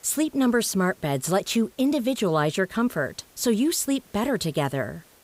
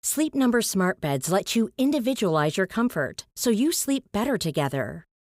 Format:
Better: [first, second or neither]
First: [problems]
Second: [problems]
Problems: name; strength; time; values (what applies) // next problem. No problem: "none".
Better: second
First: hiss; faint; throughout; 30 dB below the speech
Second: none